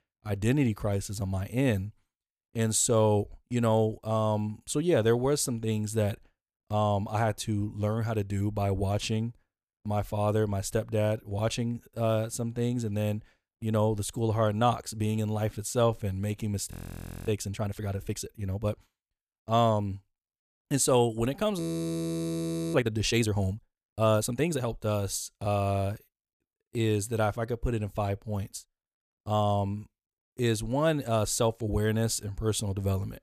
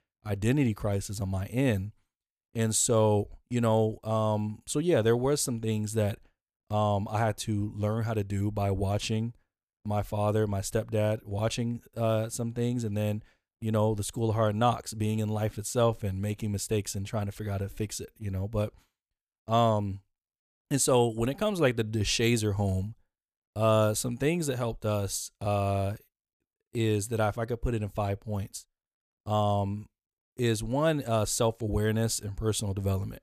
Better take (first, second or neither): second